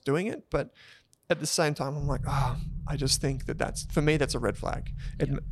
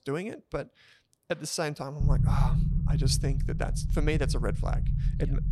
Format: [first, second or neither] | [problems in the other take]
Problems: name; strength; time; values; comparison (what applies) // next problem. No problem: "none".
first | low rumble; loud; from 2 s on; 7 dB below the speech; faint in the first